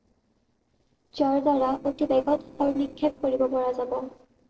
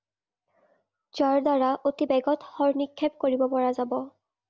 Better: second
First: noise reduction (neural separator model SepFormer DNS4)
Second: none

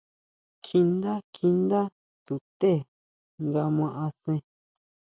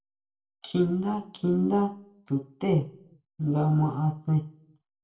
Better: first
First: none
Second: room echo; dies away in 0.3 s

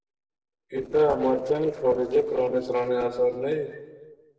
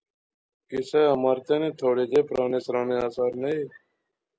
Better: second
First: noise reduction (neural separator model SepFormer DNS4)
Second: none

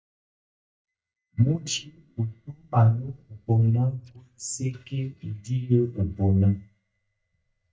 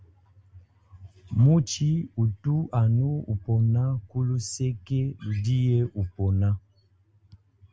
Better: second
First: noise reduction (neural mask model DeepFilterNet 3)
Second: none

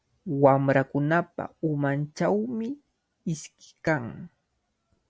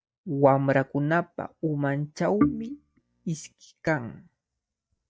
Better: first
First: none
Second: noise reduction (neural mask model DeepFilterNet 3)

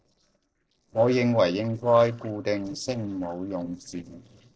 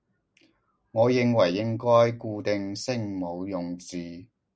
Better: second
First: noise reduction (neural separator model SepFormer DNS4)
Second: none

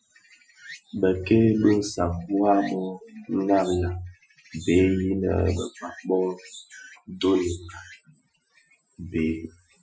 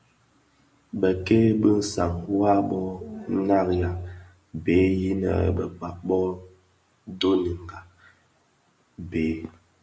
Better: second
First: noise reduction (classical method Wiener filter)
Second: none

